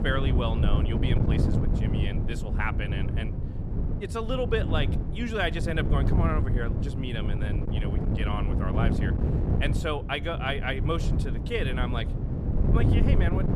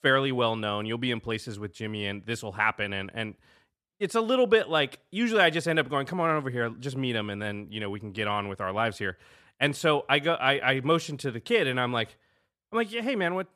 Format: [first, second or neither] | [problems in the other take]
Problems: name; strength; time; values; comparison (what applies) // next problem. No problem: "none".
second | wind noise on the microphone; heavy; 5 dB below the speech